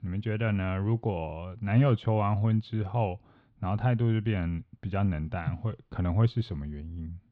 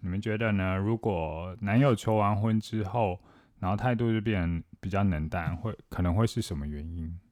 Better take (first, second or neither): second